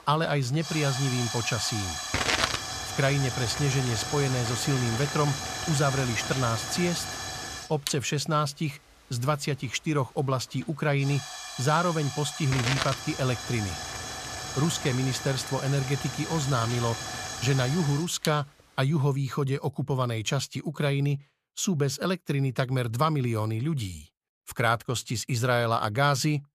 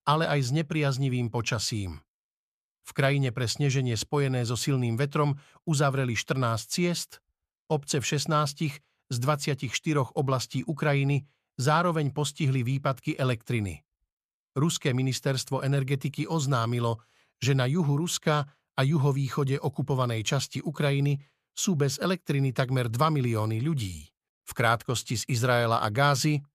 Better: second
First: hiss; loud; until 19 s; 4 dB below the speech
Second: none

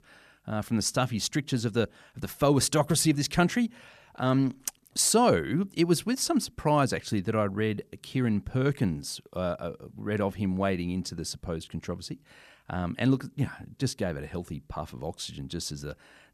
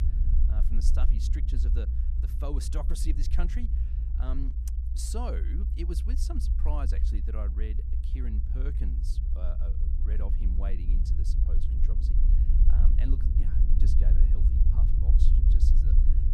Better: first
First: none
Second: low rumble; loud; throughout; 3 dB below the speech

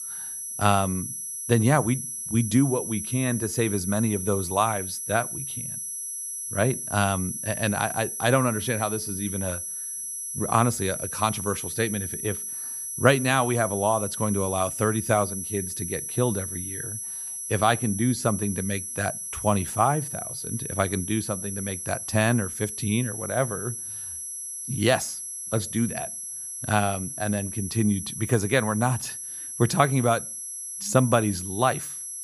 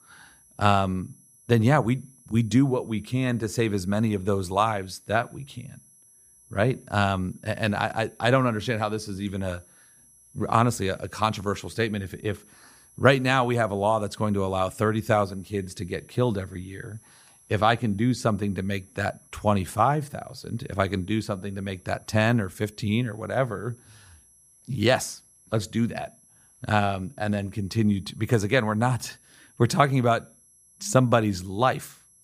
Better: second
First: high-pitched whine; loud; throughout; 11 kHz, 5 dB below the speech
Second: high-pitched whine; faint; throughout; 11 kHz, 30 dB below the speech

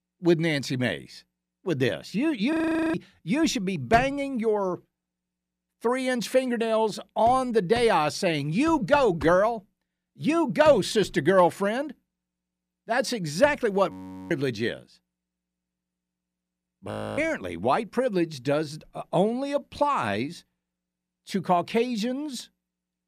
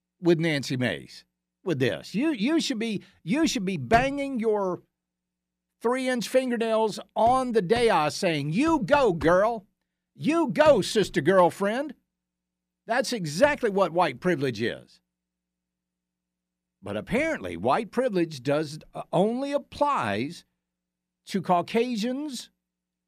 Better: second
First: audio freezing; at 2.5 s, at 14 s and at 17 s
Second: none

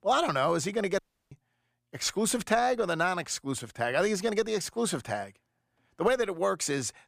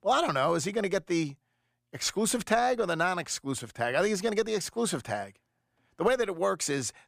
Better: second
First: audio cutting out; at 1 s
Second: none

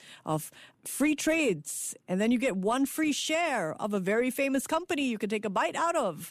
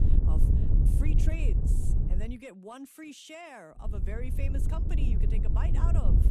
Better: first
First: none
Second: wind noise on the microphone; heavy; until 2.5 s and from 4 s on; as loud as the speech

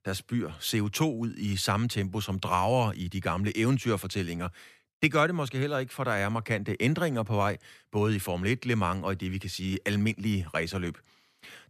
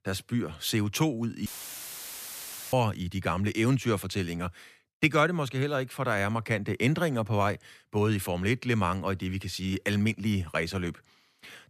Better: first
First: none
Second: audio cutting out; filled with static; at 1.5 s for 1.5 s

